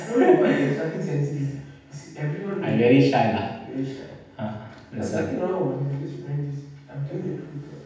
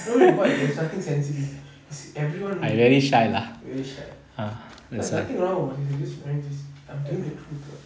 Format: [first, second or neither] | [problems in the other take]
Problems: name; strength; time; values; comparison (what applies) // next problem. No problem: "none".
second | room echo; dies away in 0.8 s